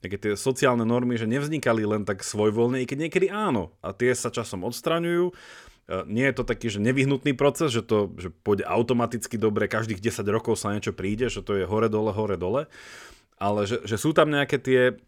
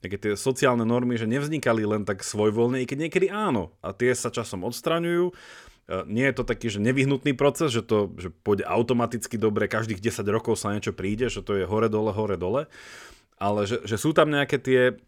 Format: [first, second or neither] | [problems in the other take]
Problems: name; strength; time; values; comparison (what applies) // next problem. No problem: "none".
neither | none